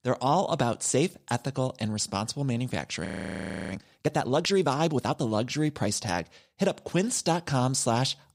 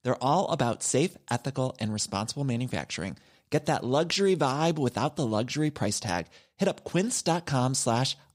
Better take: second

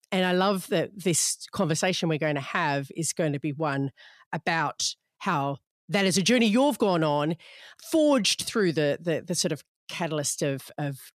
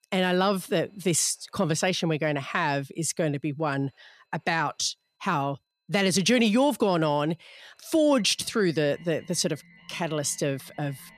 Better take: first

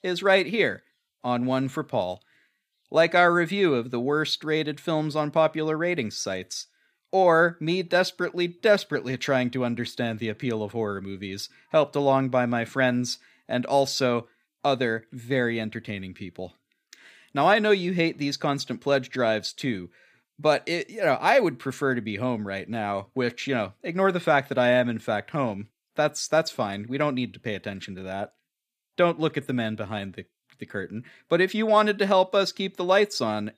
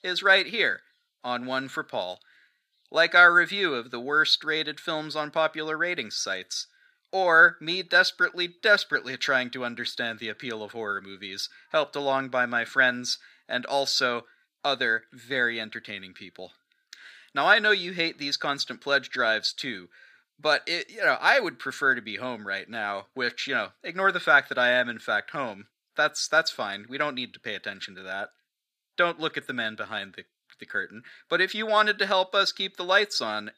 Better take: first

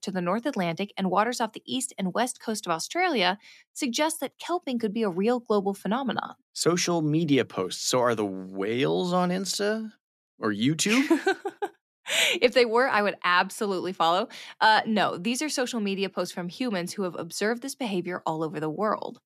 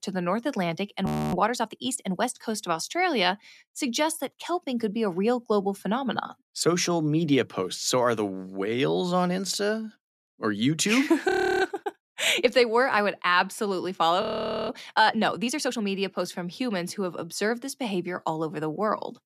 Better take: first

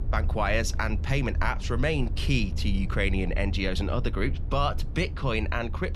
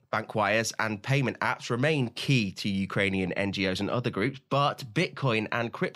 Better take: second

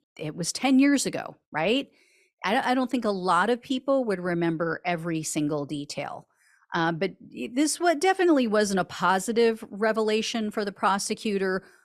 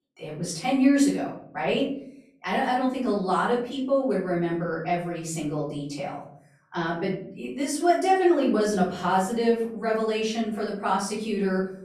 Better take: first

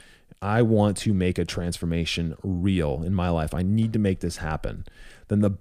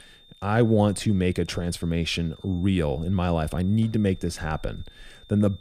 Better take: first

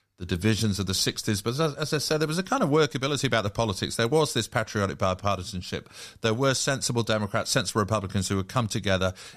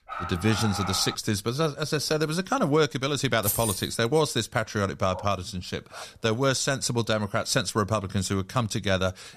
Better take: first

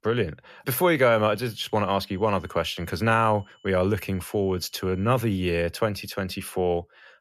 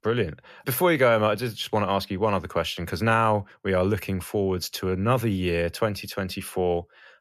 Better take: second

